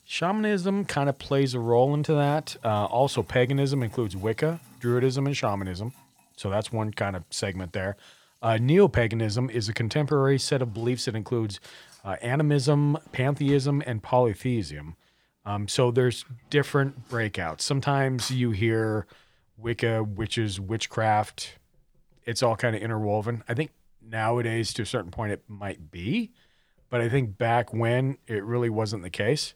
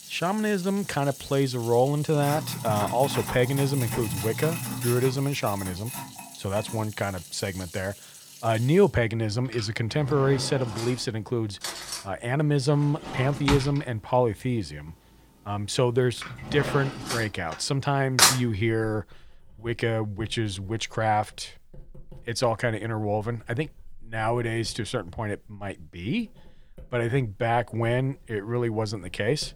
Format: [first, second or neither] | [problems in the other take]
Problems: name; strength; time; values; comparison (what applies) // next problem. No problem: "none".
first | household noises; loud; throughout; 4 dB below the speech; faint in the first